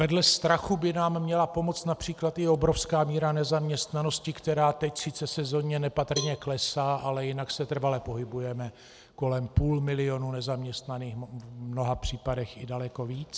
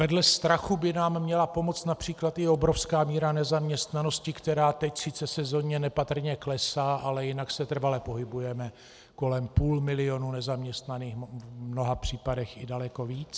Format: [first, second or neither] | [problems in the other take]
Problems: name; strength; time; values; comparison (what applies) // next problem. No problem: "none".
second | background sound (Cowbell); 13 dB below the speech